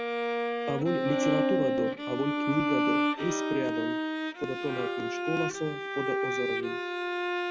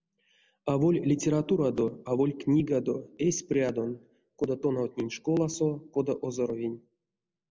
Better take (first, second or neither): second